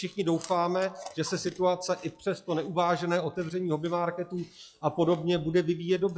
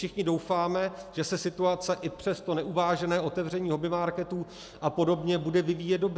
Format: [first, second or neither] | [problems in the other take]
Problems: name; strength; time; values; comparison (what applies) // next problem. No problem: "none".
second | noise reduction (classical method log-MMSE)